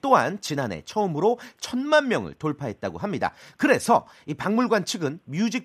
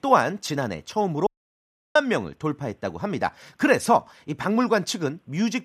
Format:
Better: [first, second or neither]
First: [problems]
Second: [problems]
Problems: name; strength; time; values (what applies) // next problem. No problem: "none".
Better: first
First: none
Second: audio cutting out; at 1.5 s for 0.5 s